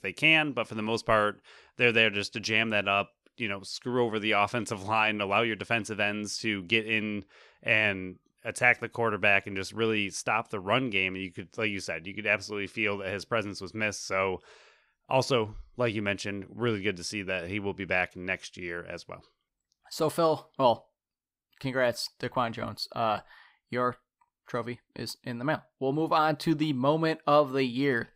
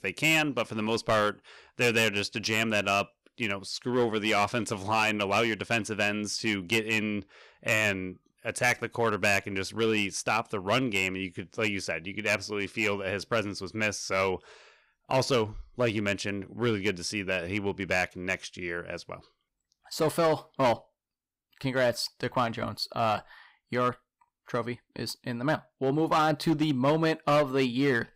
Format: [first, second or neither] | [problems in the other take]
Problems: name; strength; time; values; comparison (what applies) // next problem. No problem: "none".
first | distortion; slight; 4% of the sound clipped